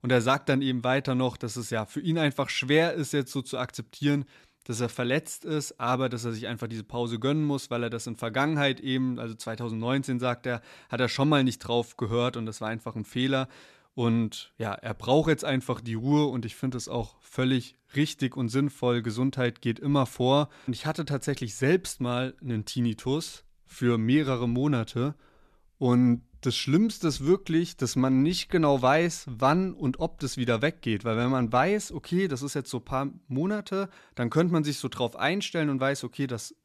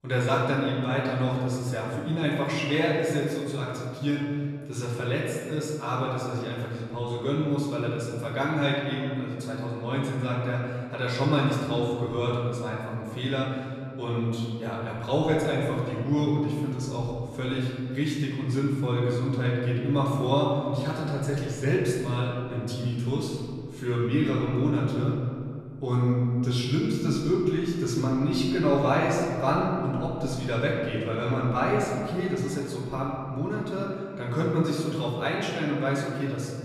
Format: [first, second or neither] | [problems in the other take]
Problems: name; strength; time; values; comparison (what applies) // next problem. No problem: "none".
first | room echo; noticeable; dies away in 2 s // off-mic speech; far